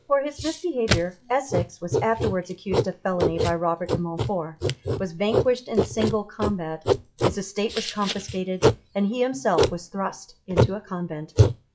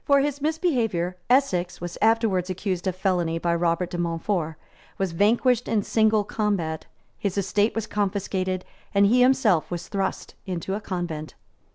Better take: second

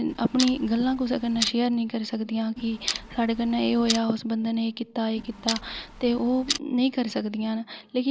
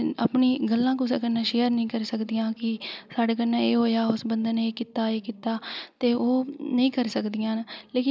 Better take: second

